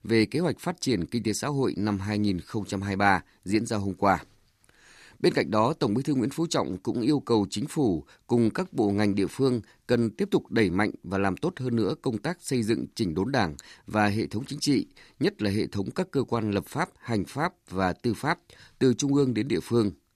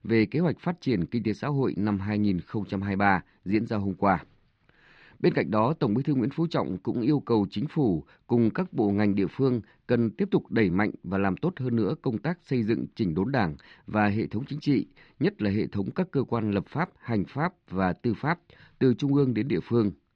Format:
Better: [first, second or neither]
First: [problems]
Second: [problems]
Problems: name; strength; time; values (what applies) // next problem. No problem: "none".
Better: first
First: none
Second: muffled; slightly; fading above 3.5 kHz